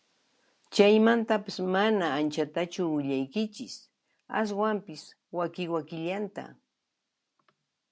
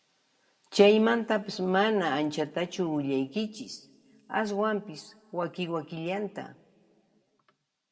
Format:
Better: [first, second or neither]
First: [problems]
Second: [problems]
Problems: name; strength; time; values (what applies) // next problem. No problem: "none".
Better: first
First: none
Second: room echo; dies away in 1.8 s